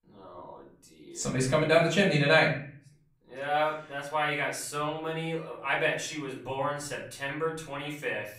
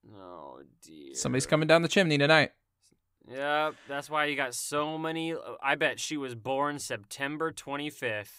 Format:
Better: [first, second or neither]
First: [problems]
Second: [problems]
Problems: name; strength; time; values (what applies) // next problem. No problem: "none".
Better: second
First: off-mic speech; far // room echo; slight; dies away in 0.5 s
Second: none